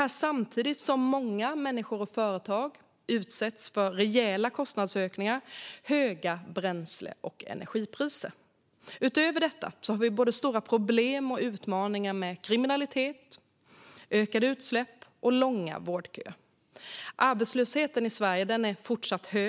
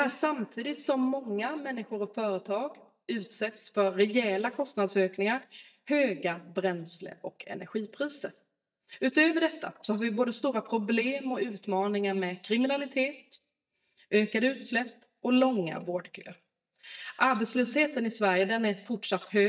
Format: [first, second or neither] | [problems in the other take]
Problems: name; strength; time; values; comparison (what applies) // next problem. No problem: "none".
first | noise reduction (neural mask model DeepFilterNet 3)